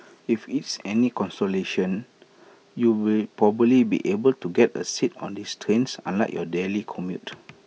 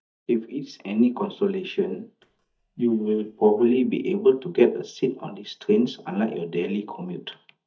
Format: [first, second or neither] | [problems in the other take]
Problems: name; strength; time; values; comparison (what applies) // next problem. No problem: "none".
first | noise reduction (neural mask model DeepFilterNet 3)